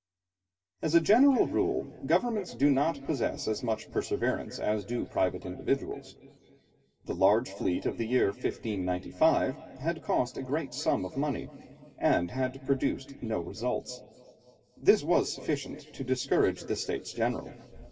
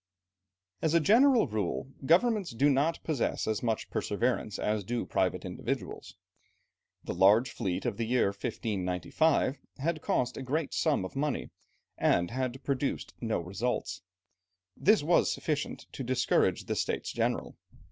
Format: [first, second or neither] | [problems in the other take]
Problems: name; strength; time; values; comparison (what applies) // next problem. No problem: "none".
second | room echo; dies away in 2.5 s